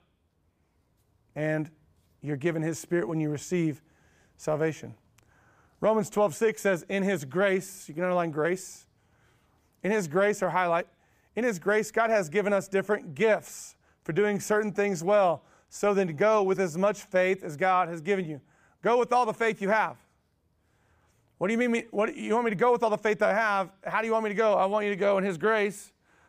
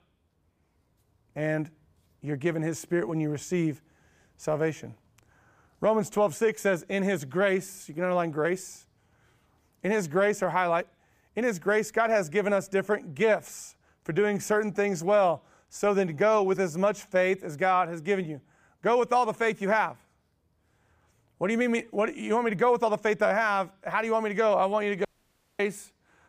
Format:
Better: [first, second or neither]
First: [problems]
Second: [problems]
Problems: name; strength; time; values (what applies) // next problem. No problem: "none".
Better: first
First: none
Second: audio cutting out; at 25 s for 0.5 s